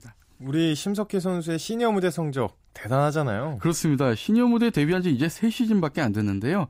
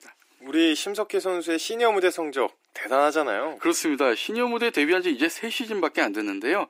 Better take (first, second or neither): first